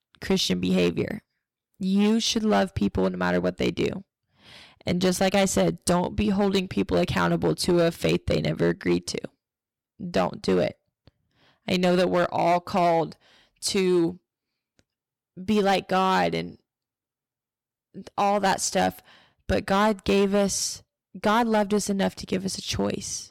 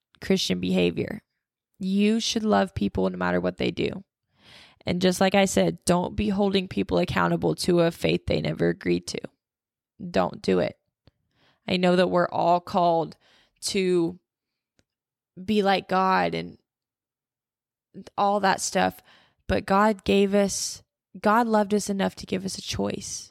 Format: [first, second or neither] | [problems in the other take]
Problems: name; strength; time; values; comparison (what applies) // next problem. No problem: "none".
second | distortion; slight; 6% of the sound clipped